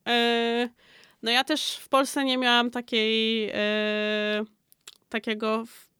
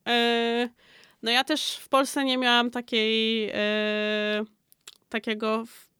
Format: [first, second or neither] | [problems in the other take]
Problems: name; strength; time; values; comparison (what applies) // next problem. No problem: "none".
neither | none